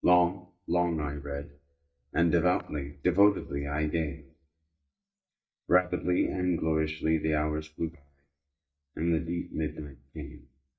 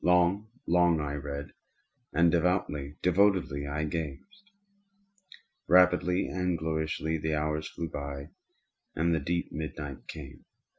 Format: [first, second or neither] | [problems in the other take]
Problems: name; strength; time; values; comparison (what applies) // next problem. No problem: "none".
second | noise reduction (neural mask model DeepFilterNet 3)